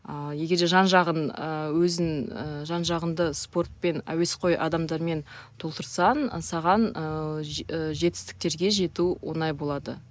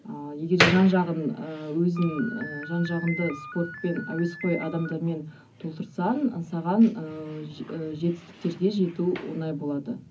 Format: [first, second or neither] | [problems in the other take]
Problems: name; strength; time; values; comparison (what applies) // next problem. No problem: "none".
first | background sound (Slam); 9 dB below the speech // room echo; dies away in 0.4 s